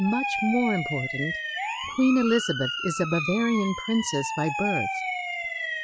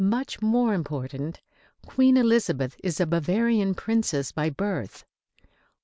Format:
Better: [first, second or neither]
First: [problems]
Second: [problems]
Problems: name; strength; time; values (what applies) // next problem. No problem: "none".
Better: second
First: noise reduction (classical method Wiener filter)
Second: none